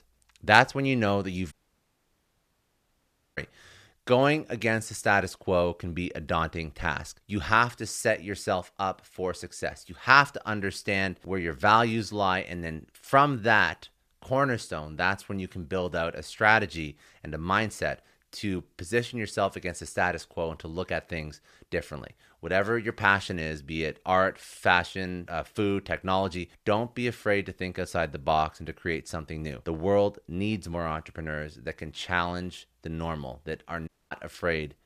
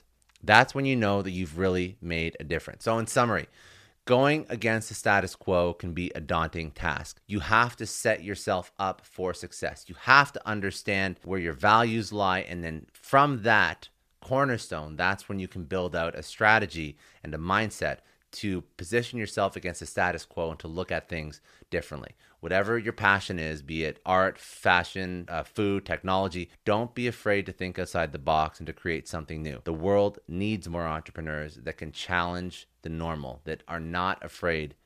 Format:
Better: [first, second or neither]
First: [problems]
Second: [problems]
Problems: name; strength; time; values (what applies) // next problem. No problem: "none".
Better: second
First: audio cutting out; at 1.5 s for 2 s and at 34 s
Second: none